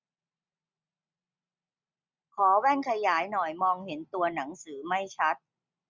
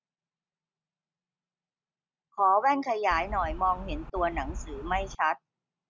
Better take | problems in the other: first | background sound (Wind); 7 dB below the speech

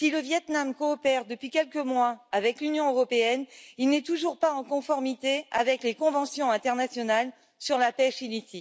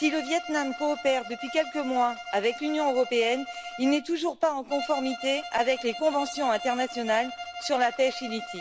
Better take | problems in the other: first | background sound (Bowed string instrument); 11 dB below the speech

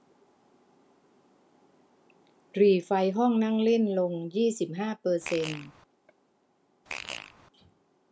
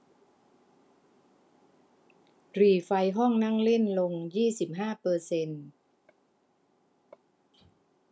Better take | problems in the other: second | background sound (Fart); 11 dB below the speech

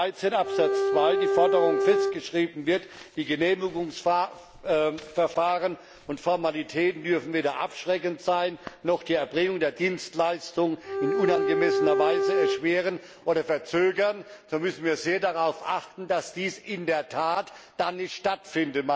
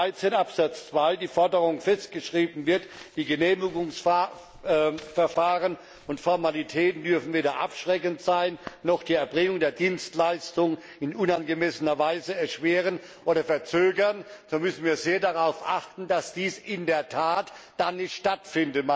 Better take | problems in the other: second | background sound (Bowed string instrument); 2 dB above the speech

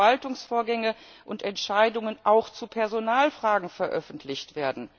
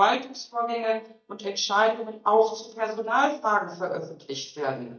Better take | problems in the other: first | noise reduction (neural mask model DeepFilterNet 3)

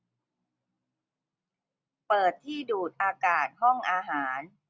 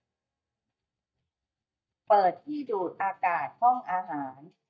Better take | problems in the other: first | noise reduction (neural mask model DeepFilterNet 3)

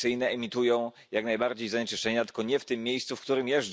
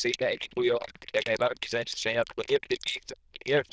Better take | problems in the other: first | noise reduction (neural diffusion model UNIVERSE++)

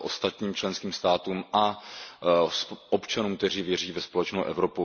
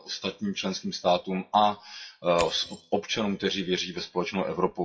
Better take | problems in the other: first | noise reduction (classical method WPE with log-MMSE)

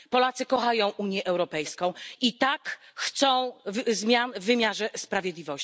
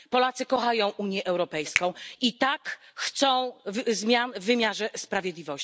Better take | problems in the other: first | background sound (Finger snapping); 10 dB below the speech

